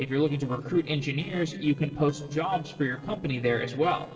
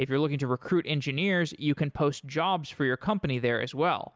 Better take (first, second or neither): second